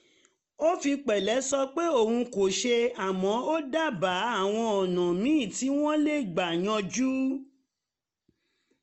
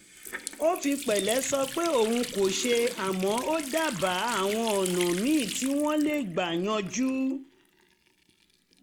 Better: first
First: none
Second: background sound (Water tap, faucet); 11 dB below the speech

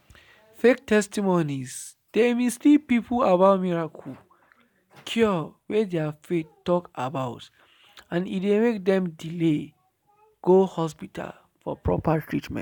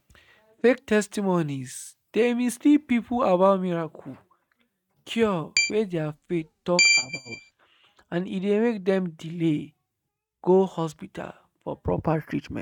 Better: first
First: none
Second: noise reduction (neural mask model RNNoise)

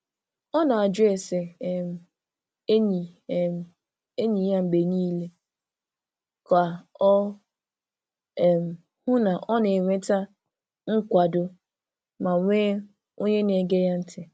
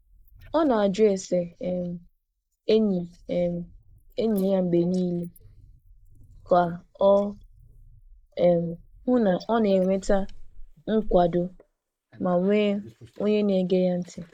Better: first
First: none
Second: noise reduction (neural mask model Resemble Enhance denoiser)

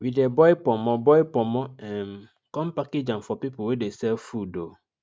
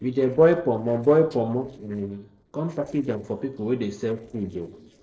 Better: first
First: none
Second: noise reduction (neural separator model SepFormer DNS4)

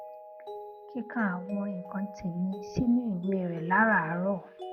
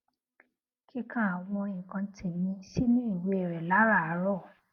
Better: second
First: background sound (Mallet percussion); 13 dB below the speech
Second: none

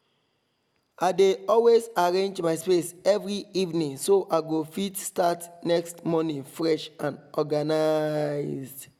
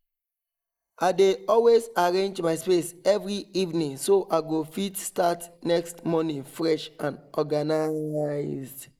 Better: first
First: none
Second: noise reduction (neural mask model Resemble Enhance denoiser)

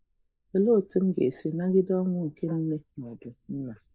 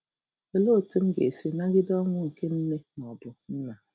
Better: second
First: noise reduction (neural mask model Resemble Enhance denoiser)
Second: none

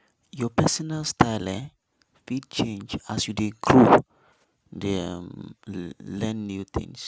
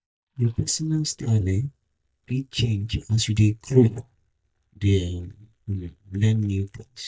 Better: first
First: none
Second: noise reduction (neural mask model DeepFilterNet 3)

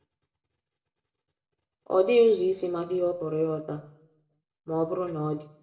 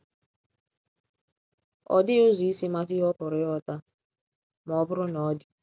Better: second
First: room echo; dies away in 0.6 s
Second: none

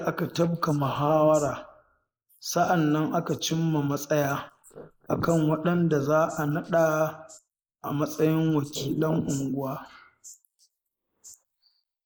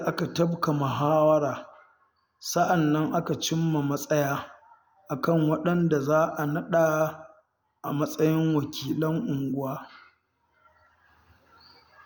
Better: second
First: noise reduction (neural mask model Resemble Enhance denoiser)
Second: none

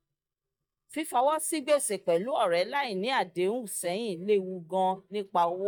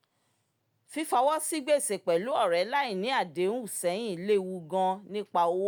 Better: second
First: noise reduction (neural mask model DeepFilterNet 3)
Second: none

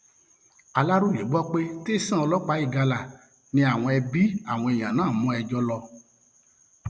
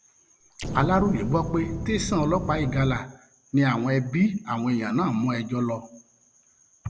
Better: first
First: none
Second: background sound (Explosion); 6 dB below the speech

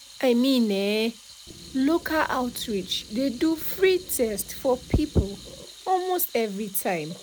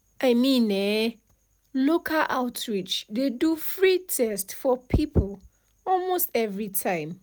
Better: second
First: background sound (Wind instrument, woodwind instrument + Sink (filling or washing) / Water tap, faucet); 19 dB below the speech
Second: none

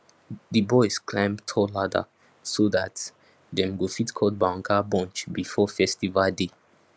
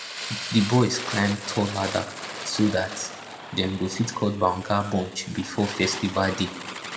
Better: first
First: none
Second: background sound (Fire); 10 dB below the speech // room echo; dies away in 0.7 s

